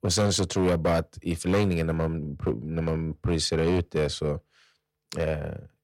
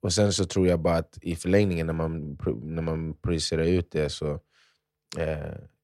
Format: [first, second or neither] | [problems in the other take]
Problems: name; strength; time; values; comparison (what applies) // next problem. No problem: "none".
second | distortion; slight; 6% of the sound clipped